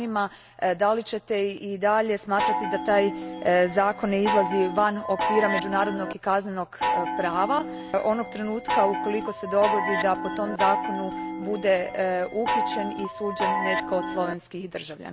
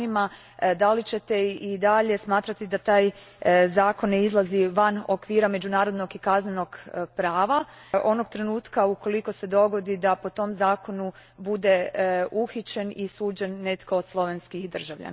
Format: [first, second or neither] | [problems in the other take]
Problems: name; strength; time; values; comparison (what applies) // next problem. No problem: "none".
second | background sound (Chime); 3 dB below the speech